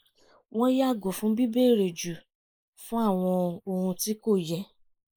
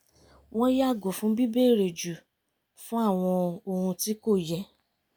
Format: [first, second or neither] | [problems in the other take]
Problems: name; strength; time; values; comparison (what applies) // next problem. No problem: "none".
second | noise reduction (neural mask model Resemble Enhance denoiser)